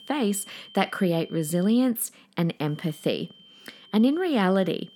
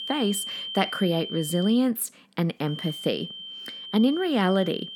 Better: first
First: high-pitched whine; faint; until 2 s and from 2.5 s on; 3 kHz, 25 dB below the speech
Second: high-pitched whine; loud; until 2 s and from 2.5 s on; 3 kHz, 9 dB below the speech

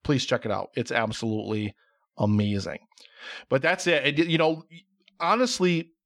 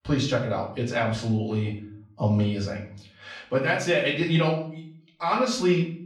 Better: first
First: none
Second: off-mic speech; far // room echo; slight; dies away in 0.5 s

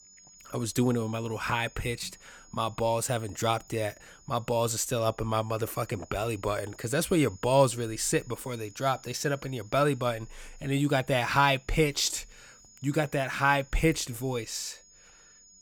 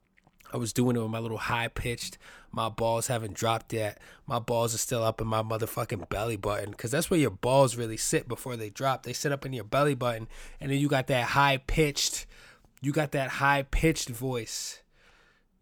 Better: second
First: high-pitched whine; faint; throughout; 7 kHz, 25 dB below the speech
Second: none

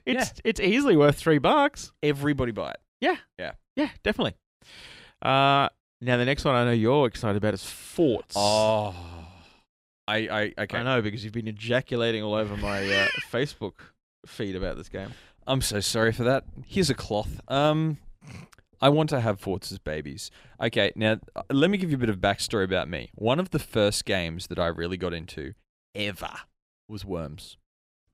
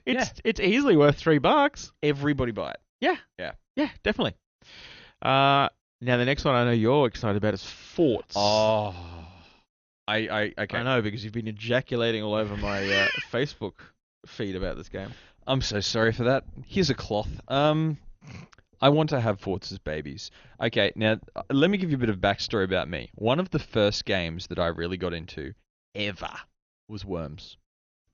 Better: first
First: none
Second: garbled, watery; slightly; nothing above 6.5 kHz

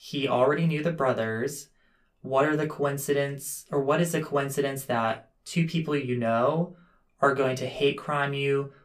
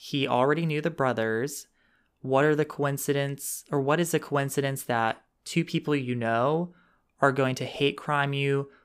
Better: second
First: off-mic speech; somewhat distant // room echo; very slight; dies away in 0.2 s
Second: none

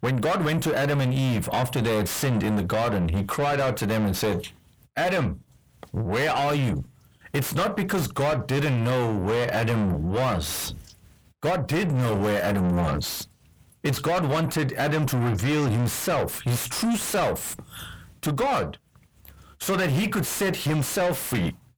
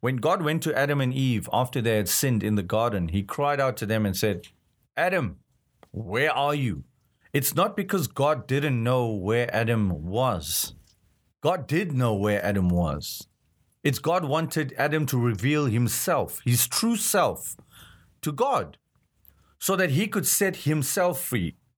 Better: second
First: distortion; heavy; 6 dB below the speech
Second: none

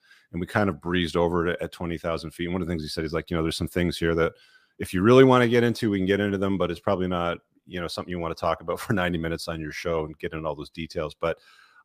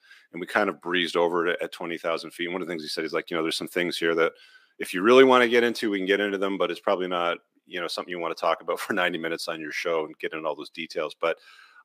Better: first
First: none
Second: thin; somewhat; fading below 300 Hz

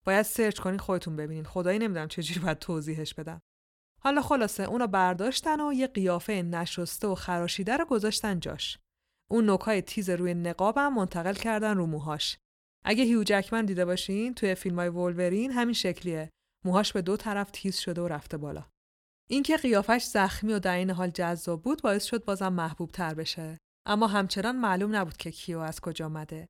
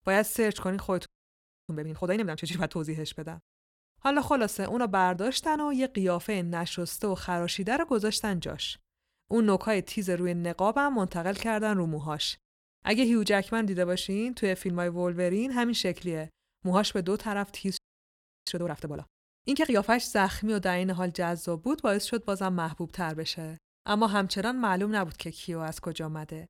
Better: first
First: none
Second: audio freezing; at 1 s for 0.5 s and at 18 s for 0.5 s

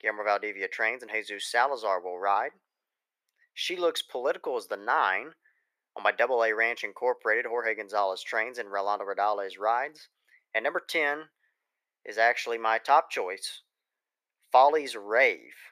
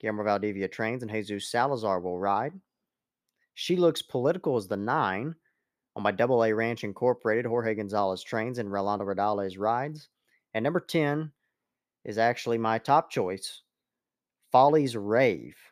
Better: second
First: thin; very; fading below 500 Hz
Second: none

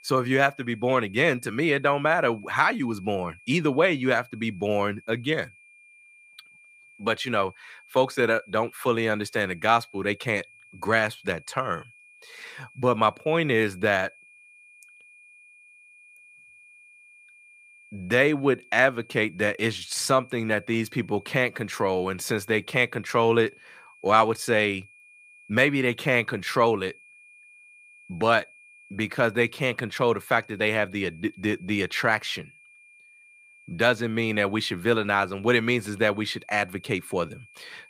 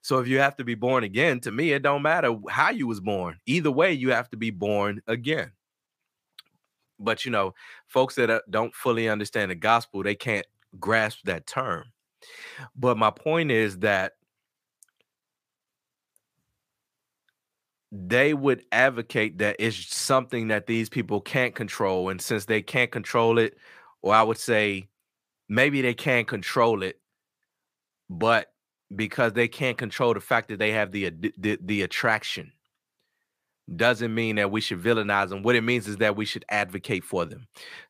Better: second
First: high-pitched whine; faint; throughout; 2.5 kHz, 25 dB below the speech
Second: none

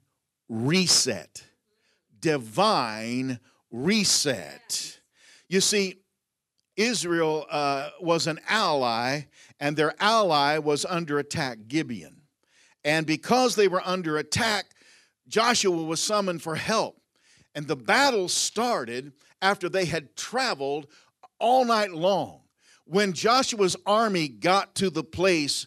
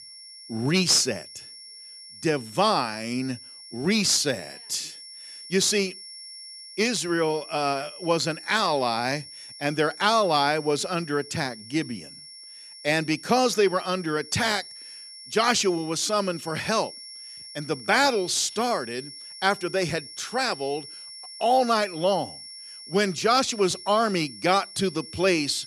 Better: first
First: none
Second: high-pitched whine; noticeable; throughout; 5.5 kHz, 15 dB below the speech

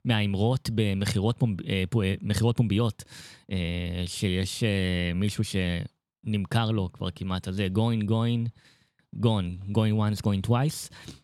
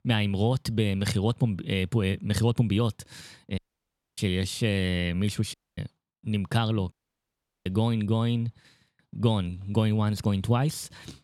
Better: first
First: none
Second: audio cutting out; at 3.5 s for 0.5 s, at 5.5 s and at 7 s for 0.5 s

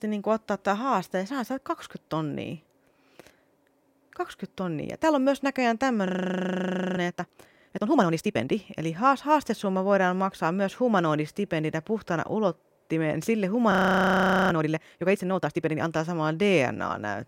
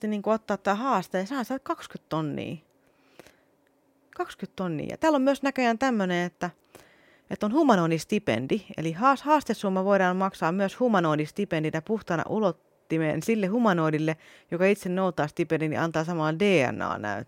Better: second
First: audio freezing; at 6 s for 1 s and at 14 s for 1 s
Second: none

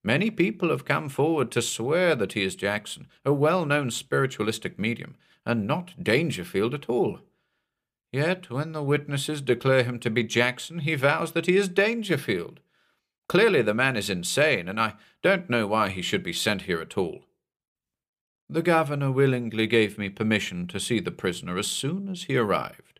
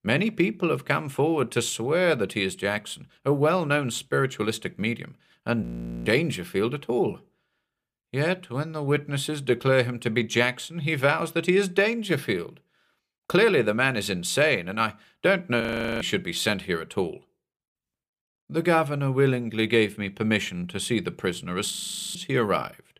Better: first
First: none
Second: audio freezing; at 5.5 s, at 16 s and at 22 s

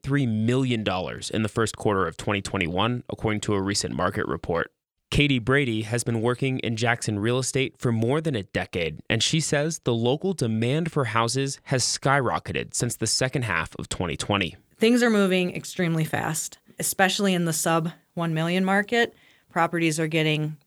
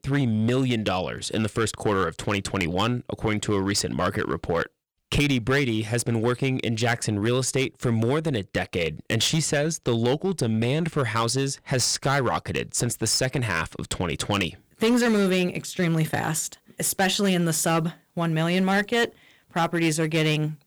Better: first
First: none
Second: distortion; slight; 7% of the sound clipped

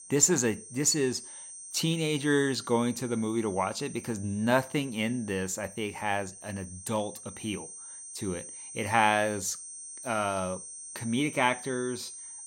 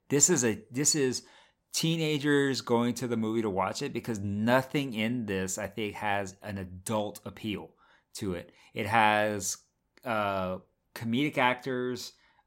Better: second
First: high-pitched whine; noticeable; throughout; 8.5 kHz, 15 dB below the speech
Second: none

